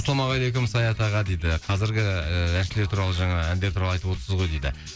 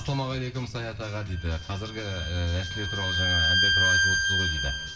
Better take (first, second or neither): first